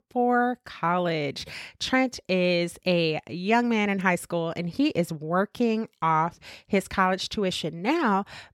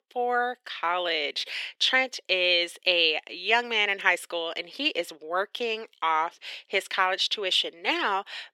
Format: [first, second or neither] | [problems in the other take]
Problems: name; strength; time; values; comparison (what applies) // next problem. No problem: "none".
first | thin; very; fading below 350 Hz